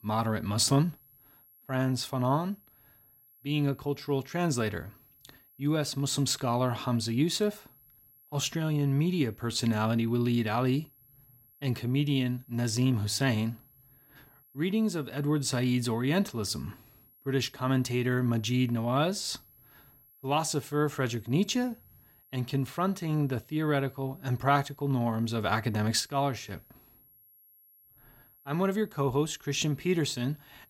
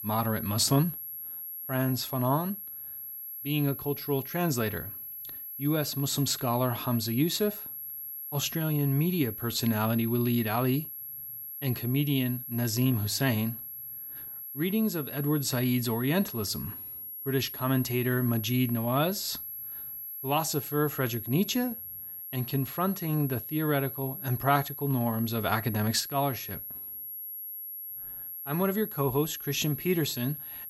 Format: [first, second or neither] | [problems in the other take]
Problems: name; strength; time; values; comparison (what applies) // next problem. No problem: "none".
first | high-pitched whine; loud; throughout; 11.5 kHz, 8 dB below the speech; faint in the first